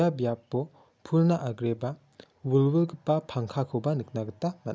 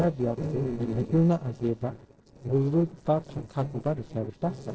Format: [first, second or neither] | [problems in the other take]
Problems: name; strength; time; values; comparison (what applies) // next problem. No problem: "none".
first | noise reduction (neural separator model SepFormer DNS4)